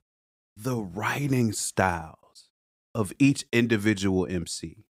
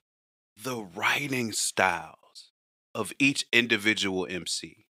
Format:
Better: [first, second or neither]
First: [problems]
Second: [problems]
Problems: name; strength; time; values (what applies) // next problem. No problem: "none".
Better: first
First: none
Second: thin; somewhat; fading below 500 Hz